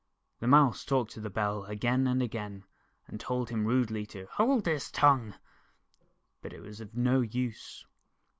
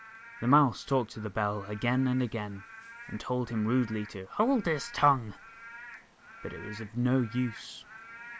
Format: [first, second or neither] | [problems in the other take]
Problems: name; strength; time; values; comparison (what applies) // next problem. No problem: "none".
first | background sound (Rain / Frog); 18 dB below the speech